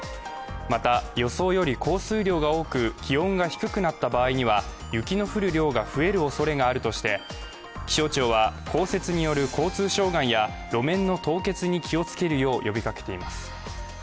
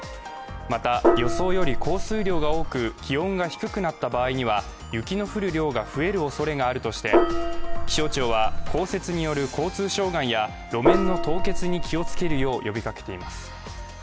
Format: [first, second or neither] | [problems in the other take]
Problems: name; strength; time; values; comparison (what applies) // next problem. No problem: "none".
first | background sound (Gong); 5 dB above the speech